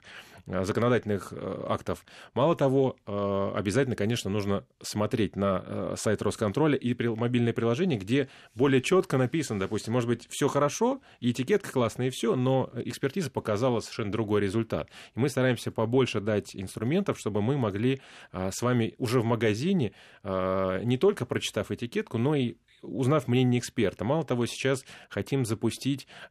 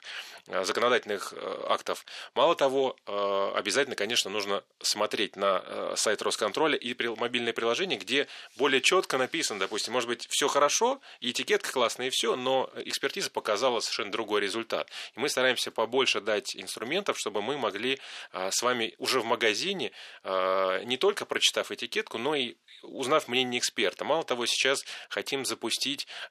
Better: first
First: none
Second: thin; somewhat; fading below 550 Hz

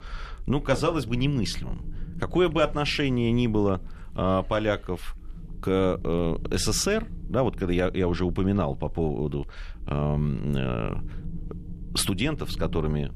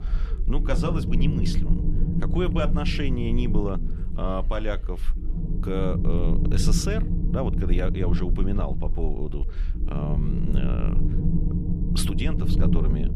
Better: first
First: low rumble; faint; throughout; 25 dB below the speech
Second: low rumble; loud; throughout; 4 dB below the speech

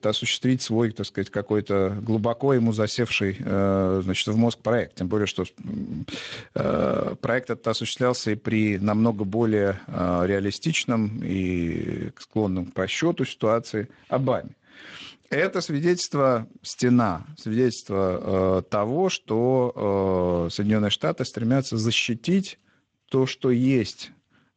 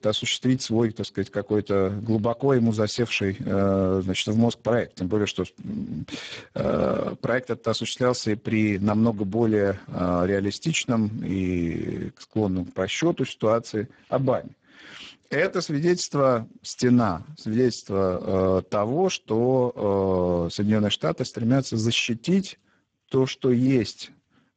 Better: first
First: garbled, watery; slightly; nothing above 7.5 kHz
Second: garbled, watery; badly; nothing above 7.5 kHz

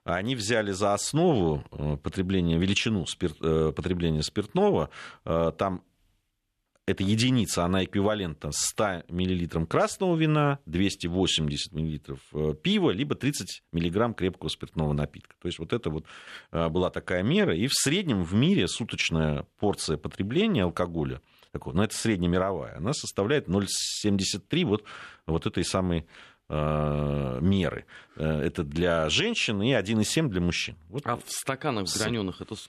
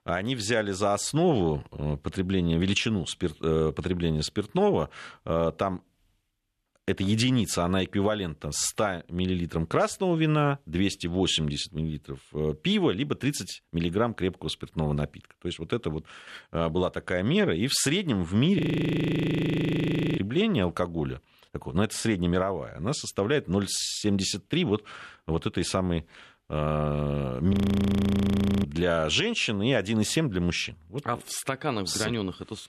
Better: first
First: none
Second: audio freezing; at 19 s for 1.5 s and at 28 s for 1 s

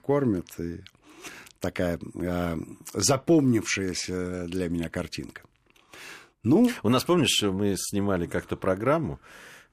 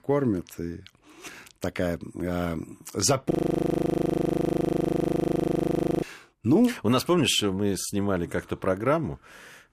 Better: first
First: none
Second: audio freezing; at 3.5 s for 2.5 s

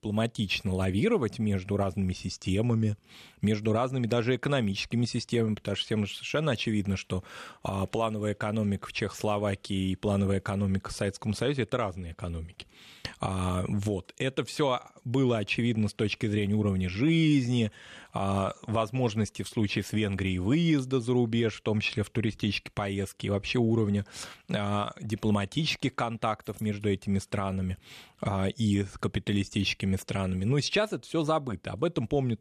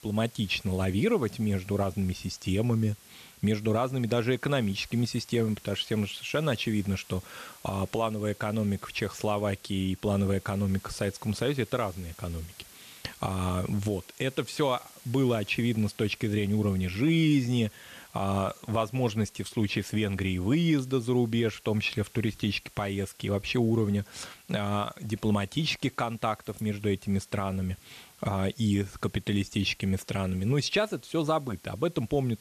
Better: first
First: none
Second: hiss; faint; throughout; 25 dB below the speech

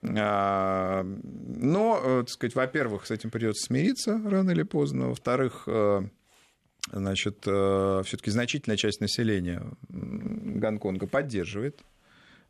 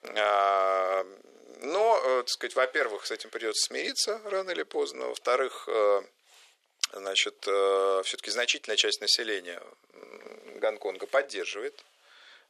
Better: first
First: none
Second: thin; very; fading below 450 Hz

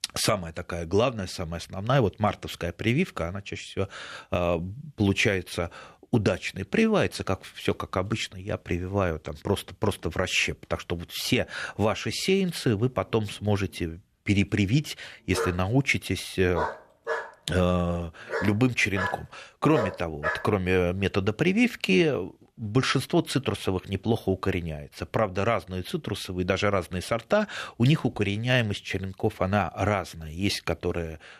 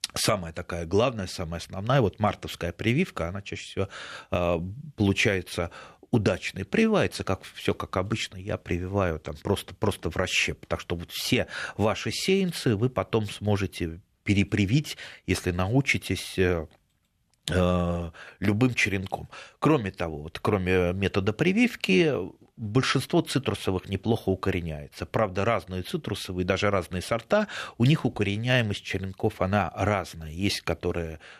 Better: second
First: dog barking; noticeable; from 15 to 20 s; peak 4 dB below the speech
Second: none

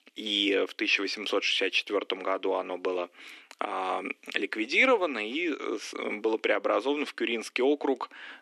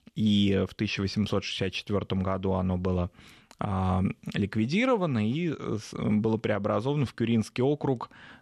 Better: second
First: thin; somewhat; fading below 300 Hz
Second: none

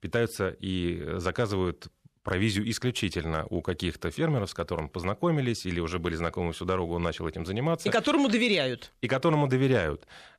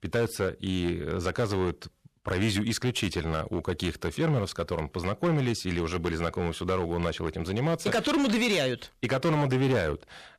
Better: first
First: none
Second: distortion; slight; 9% of the sound clipped

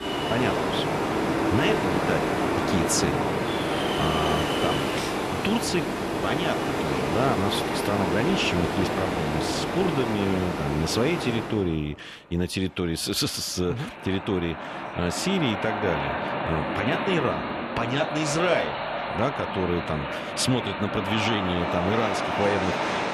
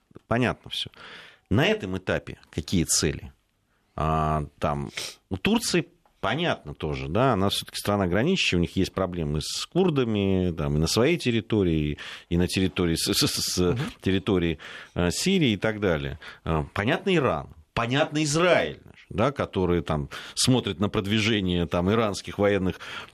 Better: second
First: rain or running water; very loud; throughout; as loud as the speech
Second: none

